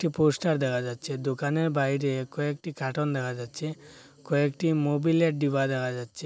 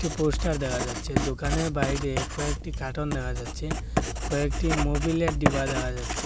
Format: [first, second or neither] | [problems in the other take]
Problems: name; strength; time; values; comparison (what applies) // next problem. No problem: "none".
first | background sound (Writing); 1 dB above the speech